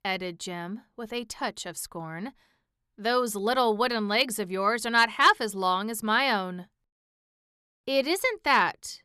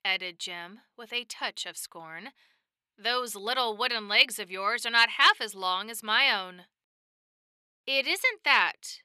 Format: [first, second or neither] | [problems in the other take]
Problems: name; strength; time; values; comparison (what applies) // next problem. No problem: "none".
first | thin; somewhat; fading below 750 Hz